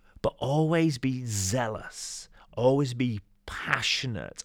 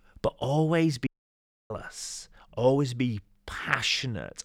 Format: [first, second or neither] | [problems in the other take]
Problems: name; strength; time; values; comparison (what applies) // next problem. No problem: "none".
first | audio cutting out; at 1 s for 0.5 s